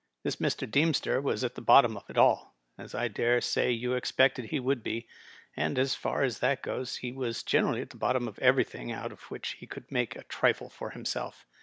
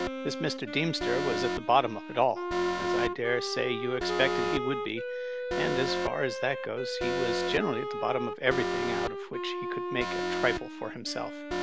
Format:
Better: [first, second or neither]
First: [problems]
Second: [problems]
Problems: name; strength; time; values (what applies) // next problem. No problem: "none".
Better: first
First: none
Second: background sound (Alarm + Wind instrument, woodwind instrument); 1 dB below the speech